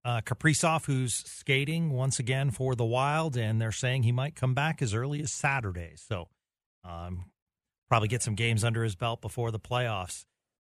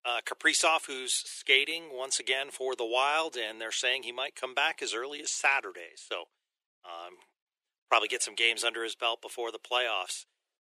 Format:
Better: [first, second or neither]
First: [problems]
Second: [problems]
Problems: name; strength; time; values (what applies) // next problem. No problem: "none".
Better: first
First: none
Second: thin; very; fading below 350 Hz